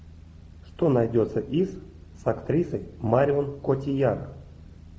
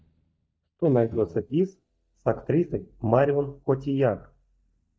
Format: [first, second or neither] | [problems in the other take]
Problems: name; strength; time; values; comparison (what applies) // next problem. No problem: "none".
first | noise reduction (neural mask model DeepFilterNet 3)